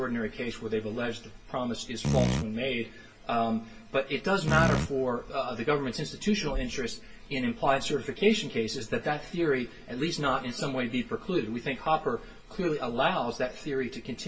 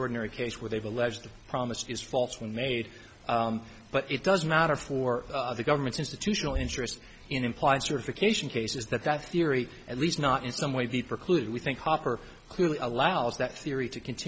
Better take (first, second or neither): second